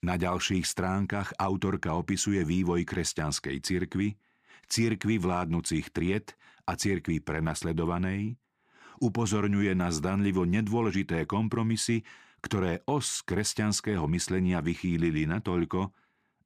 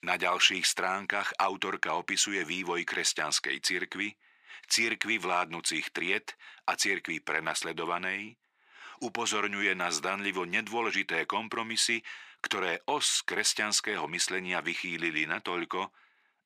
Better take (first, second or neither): first